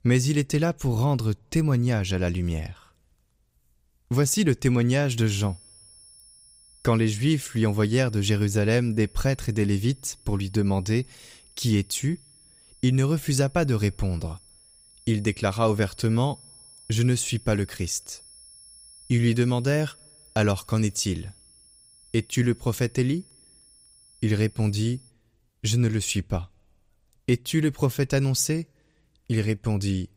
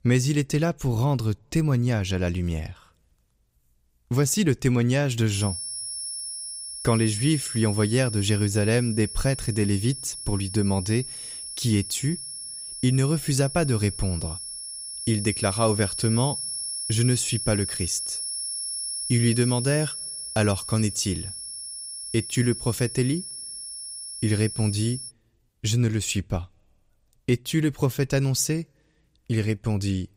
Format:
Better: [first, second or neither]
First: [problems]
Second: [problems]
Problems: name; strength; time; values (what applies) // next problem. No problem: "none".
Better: first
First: high-pitched whine; faint; from 5.5 to 25 s; 10.5 kHz, 25 dB below the speech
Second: high-pitched whine; loud; from 5.5 to 25 s; 10.5 kHz, 6 dB below the speech